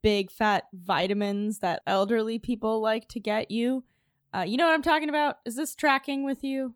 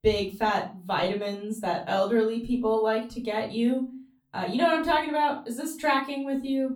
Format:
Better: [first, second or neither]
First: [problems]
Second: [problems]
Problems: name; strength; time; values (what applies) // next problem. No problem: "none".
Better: first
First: none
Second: room echo; very slight; dies away in 0.3 s // off-mic speech; far